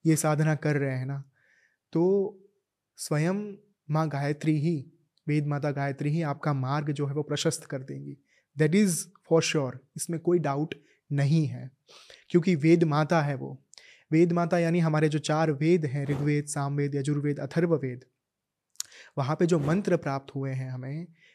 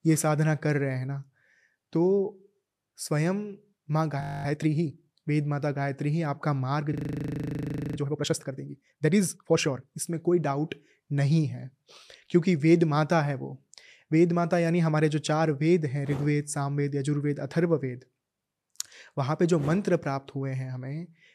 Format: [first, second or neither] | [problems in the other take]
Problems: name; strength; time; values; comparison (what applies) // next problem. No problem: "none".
first | audio freezing; at 4 s and at 7 s for 1 s